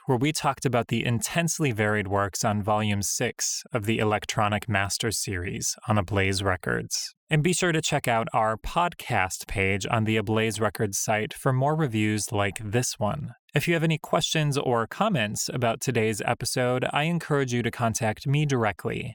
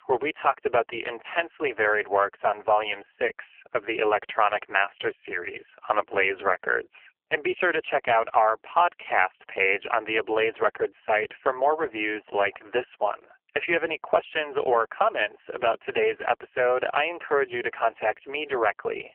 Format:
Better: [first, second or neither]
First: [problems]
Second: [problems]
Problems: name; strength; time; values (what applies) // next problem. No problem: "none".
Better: first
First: none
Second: phone-call audio; poor line; nothing above 3 kHz